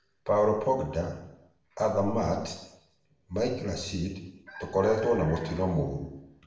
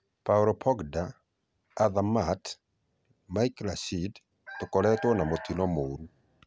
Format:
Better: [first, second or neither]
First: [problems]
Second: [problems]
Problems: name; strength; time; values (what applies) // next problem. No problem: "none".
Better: second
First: room echo; dies away in 0.7 s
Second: none